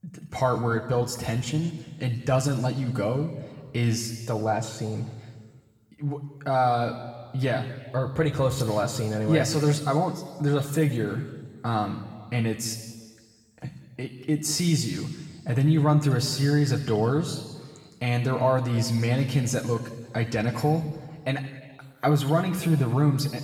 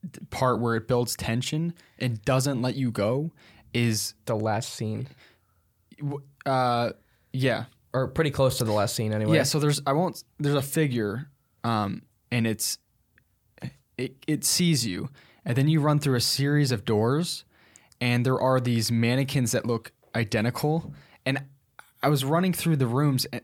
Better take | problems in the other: second | room echo; noticeable; dies away in 1.4 s // off-mic speech; somewhat distant

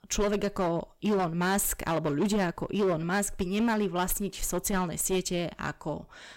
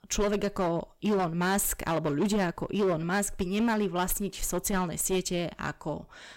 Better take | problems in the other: neither | distortion; slight; 9% of the sound clipped; the same in both

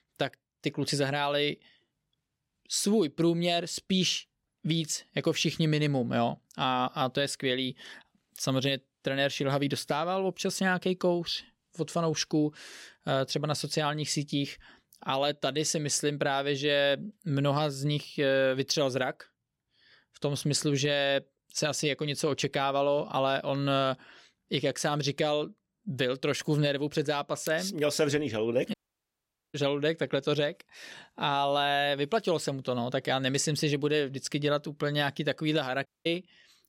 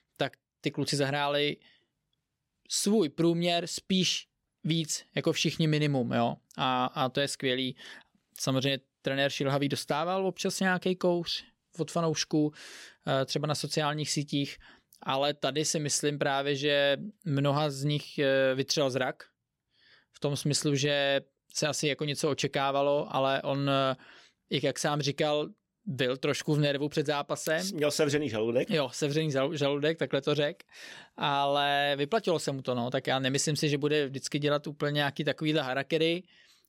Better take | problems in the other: second | audio cutting out; at 29 s for 1 s and at 36 s

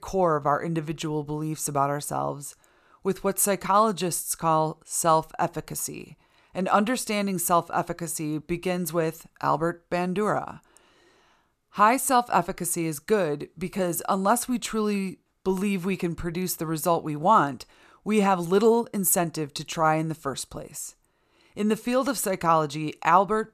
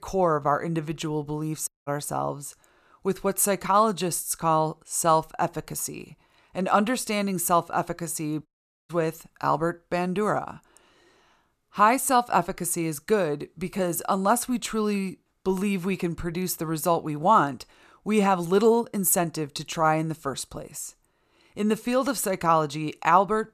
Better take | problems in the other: first | audio cutting out; at 1.5 s and at 8.5 s

